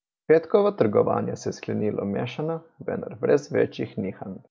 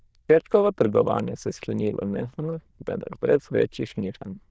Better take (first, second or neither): first